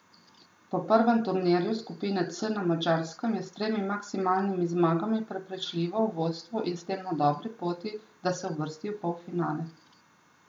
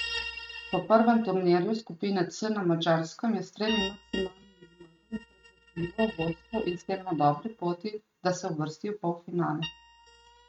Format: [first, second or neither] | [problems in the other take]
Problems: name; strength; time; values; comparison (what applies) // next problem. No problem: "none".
first | noise reduction (neural mask model RNNoise)